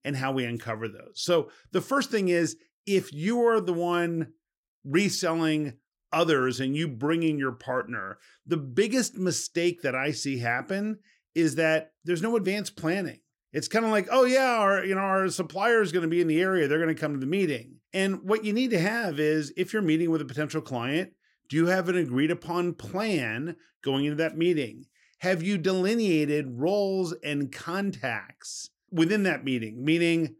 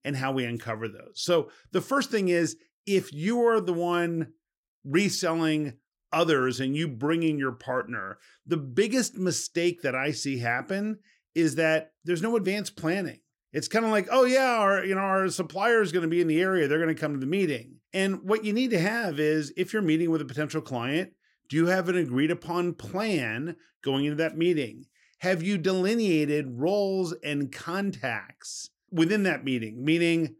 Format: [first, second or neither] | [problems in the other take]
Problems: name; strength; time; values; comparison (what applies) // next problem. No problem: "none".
neither | none